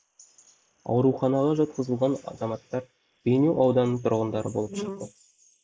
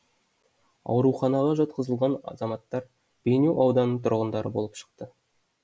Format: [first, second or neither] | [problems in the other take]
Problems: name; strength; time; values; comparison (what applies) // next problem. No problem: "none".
second | noise reduction (neural mask model Resemble Enhance denoiser)